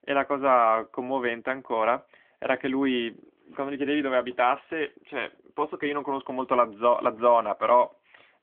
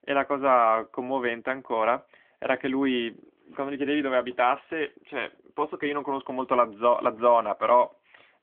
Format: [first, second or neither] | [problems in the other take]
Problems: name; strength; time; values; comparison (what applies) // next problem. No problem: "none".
neither | phone-call audio; nothing above 3.5 kHz; the same in both